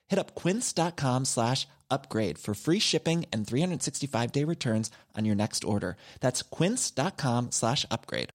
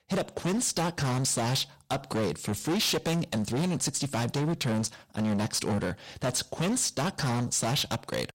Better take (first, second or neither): first